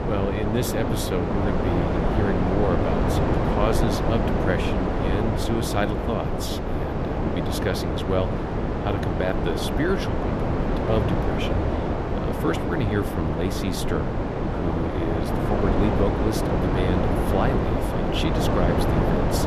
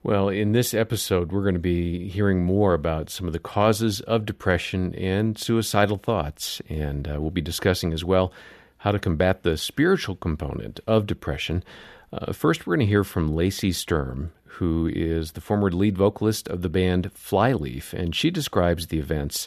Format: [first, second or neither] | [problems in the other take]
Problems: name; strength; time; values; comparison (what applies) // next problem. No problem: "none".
second | wind noise on the microphone; heavy; 3 dB above the speech